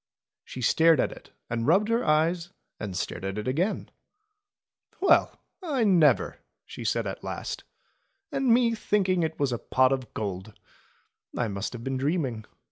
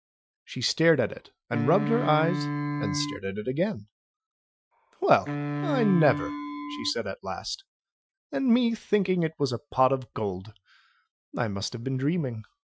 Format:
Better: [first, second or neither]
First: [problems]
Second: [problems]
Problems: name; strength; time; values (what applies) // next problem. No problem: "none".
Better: first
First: none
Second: noise reduction (classical method Wiener filter)